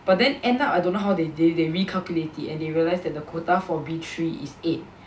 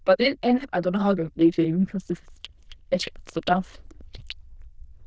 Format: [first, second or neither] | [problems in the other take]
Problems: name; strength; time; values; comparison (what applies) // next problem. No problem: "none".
first | noise reduction (neural diffusion model UNIVERSE++)